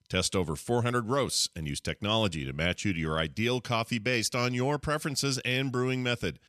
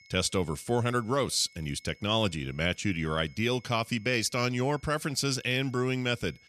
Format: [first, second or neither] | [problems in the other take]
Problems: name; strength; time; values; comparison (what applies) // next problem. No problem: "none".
first | high-pitched whine; faint; throughout; 2 kHz, 30 dB below the speech